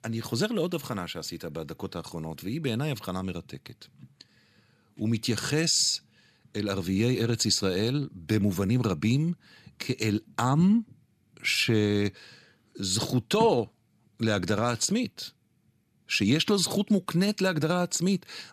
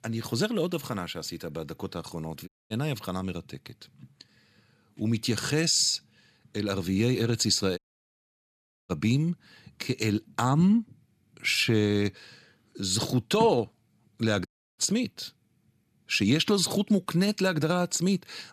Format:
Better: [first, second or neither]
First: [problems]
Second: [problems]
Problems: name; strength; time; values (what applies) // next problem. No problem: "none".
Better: first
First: none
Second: audio cutting out; at 2.5 s, at 8 s for 1 s and at 14 s